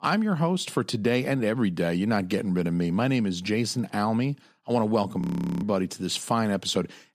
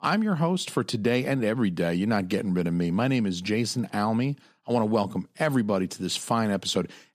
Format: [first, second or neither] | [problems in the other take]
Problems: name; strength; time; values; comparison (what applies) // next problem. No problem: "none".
second | audio freezing; at 5 s